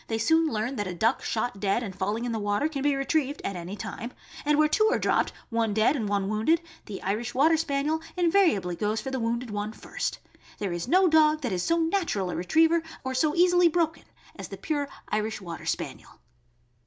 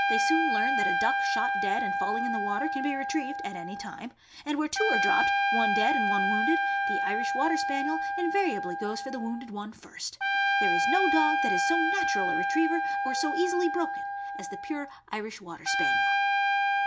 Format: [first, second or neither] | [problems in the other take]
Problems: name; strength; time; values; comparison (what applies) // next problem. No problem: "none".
first | background sound (Trumpet); 4 dB above the speech